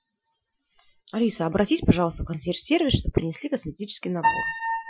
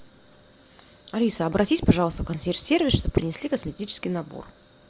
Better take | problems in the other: second | noise reduction (classical method Wiener filter)

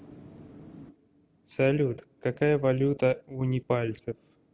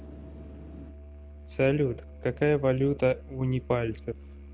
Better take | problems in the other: first | background sound (Musical instrument); 16 dB below the speech

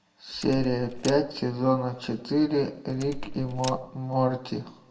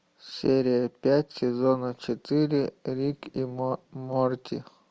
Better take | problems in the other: second | background sound (Door); 10 dB below the speech // room echo; dies away in 0.5 s

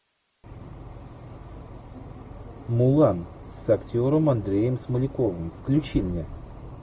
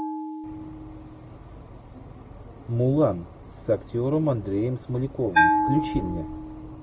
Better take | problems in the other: first | background sound (Bell); 2 dB below the speech

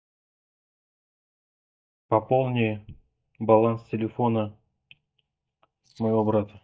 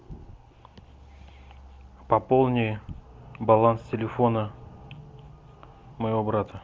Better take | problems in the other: second | noise reduction (neural mask model DeepFilterNet 3)

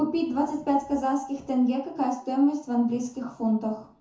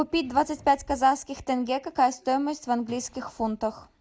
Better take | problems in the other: second | room echo; dies away in 0.6 s

